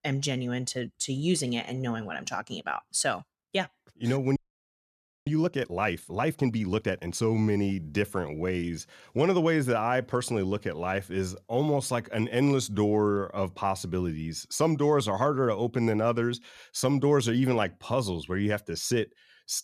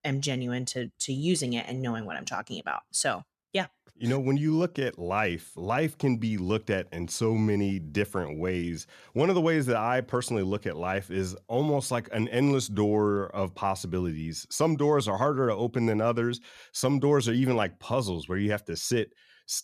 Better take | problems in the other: second | audio freezing; at 4.5 s for 1 s

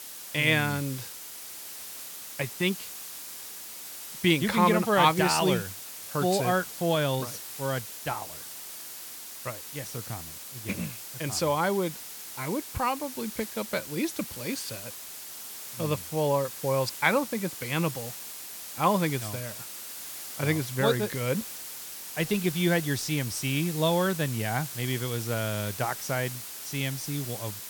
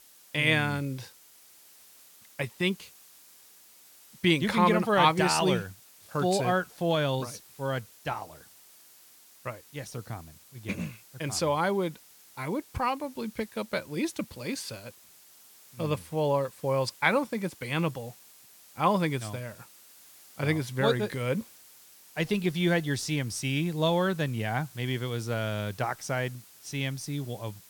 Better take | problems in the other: second | hiss; loud; throughout; 9 dB below the speech; faint in the second

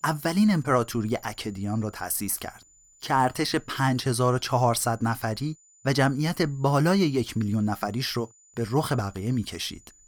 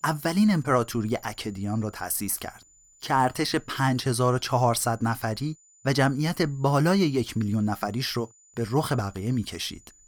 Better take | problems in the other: neither | high-pitched whine; faint; throughout; 7 kHz, 30 dB below the speech; the same in both

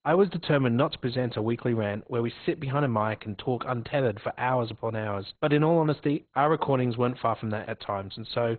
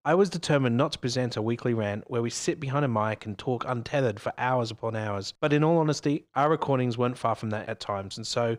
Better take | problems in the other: second | garbled, watery; badly; nothing above 4 kHz

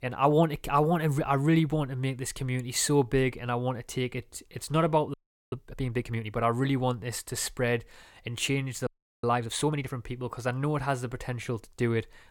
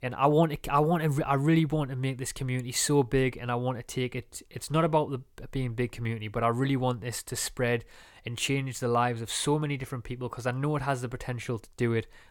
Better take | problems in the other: second | audio freezing; at 5 s and at 9 s

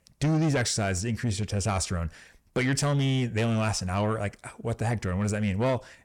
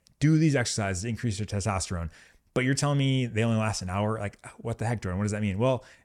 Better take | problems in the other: second | distortion; slight; 10 dB below the speech

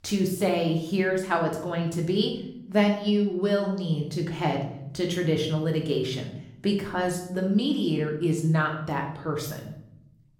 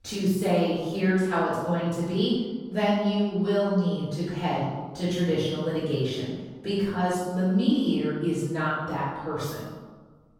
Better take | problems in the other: first | room echo; strong; dies away in 1.2 s; slight in the first // off-mic speech; far; somewhat distant in the first

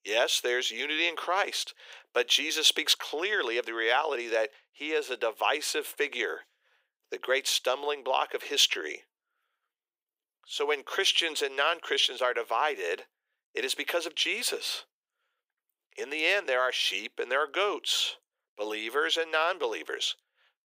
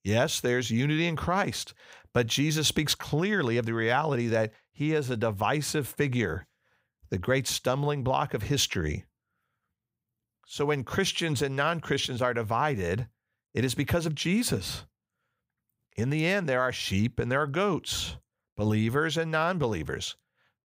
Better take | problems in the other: second | thin; very; fading below 350 Hz

